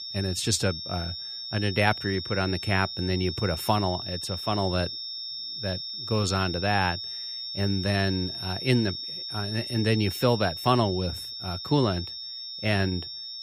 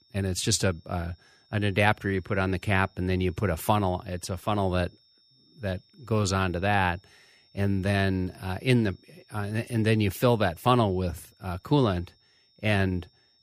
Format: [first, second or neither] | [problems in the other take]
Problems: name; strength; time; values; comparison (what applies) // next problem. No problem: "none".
second | high-pitched whine; loud; throughout; 5.5 kHz, 6 dB below the speech; faint in the second